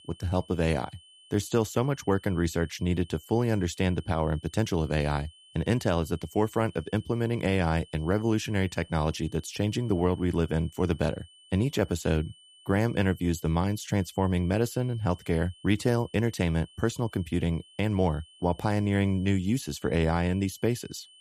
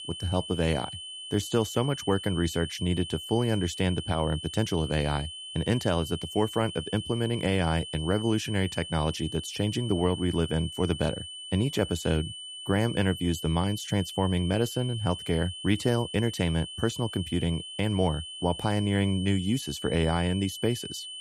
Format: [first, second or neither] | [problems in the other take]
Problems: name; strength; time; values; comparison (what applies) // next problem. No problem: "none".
first | high-pitched whine; loud; throughout; 3 kHz, 9 dB below the speech; faint in the first